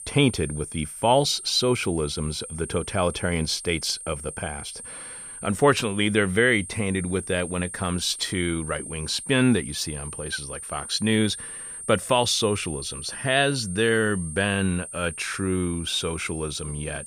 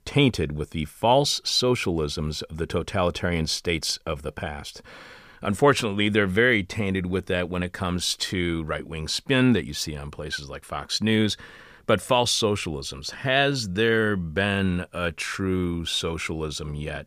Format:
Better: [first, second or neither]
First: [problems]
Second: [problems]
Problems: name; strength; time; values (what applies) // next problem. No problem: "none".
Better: second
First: high-pitched whine; noticeable; throughout; 8.5 kHz, 10 dB below the speech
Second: none